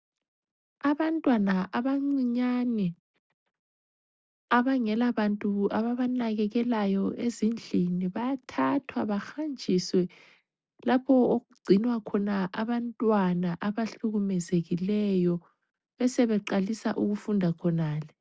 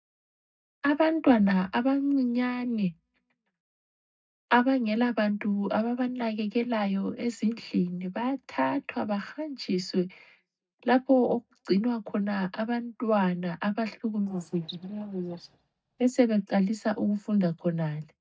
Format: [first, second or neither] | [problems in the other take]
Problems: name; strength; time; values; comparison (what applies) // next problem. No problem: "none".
first | noise reduction (neural mask model DeepFilterNet 3)